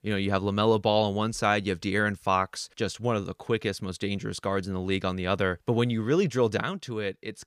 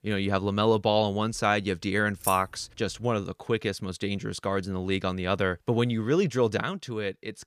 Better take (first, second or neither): first